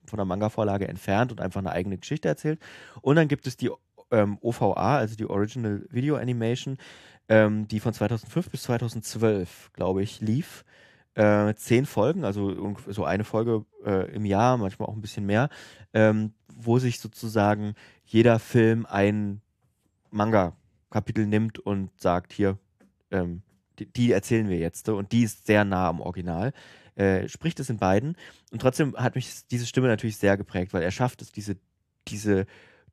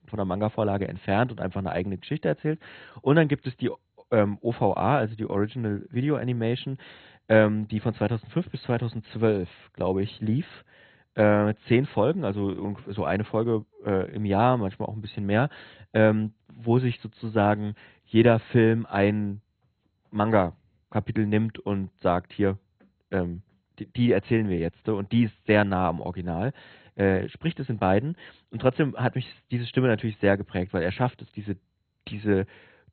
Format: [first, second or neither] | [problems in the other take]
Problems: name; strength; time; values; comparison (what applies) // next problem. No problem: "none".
first | garbled, watery; badly; nothing above 4 kHz